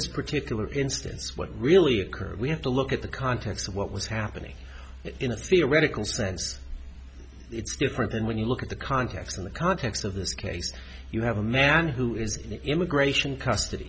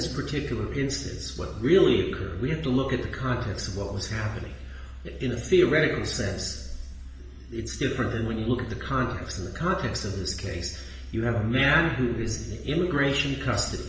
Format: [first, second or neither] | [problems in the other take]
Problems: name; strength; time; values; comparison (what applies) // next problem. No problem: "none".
first | room echo; dies away in 1.3 s